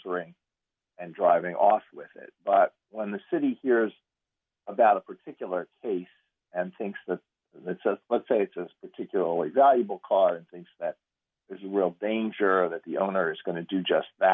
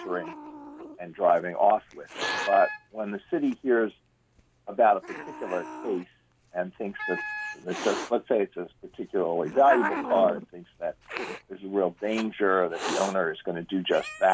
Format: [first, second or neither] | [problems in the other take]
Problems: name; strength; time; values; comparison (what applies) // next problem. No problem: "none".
first | background sound (Wind instrument, woodwind instrument + Hiss); 10 dB below the speech